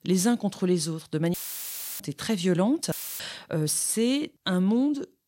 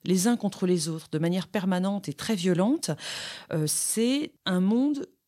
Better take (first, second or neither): second